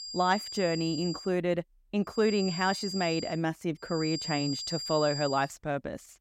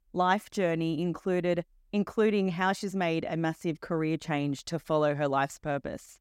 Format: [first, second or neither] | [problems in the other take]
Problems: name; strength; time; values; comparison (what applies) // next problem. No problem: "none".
second | high-pitched whine; loud; until 1 s, from 2 to 3.5 s and from 4 to 5.5 s; 5 kHz, 6 dB below the speech